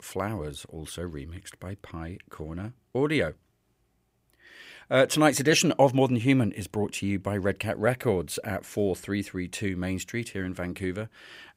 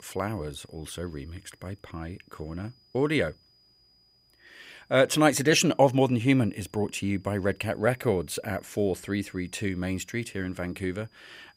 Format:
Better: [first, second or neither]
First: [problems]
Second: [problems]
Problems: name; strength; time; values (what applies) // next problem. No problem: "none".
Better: first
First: none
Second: high-pitched whine; faint; throughout; 5 kHz, 35 dB below the speech